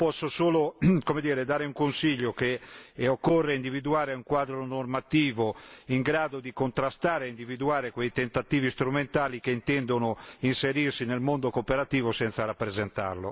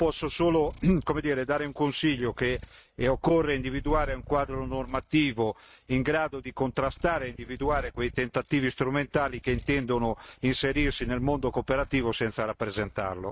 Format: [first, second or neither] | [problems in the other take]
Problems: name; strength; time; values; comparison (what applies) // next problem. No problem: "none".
first | noise reduction (neural mask model RNNoise)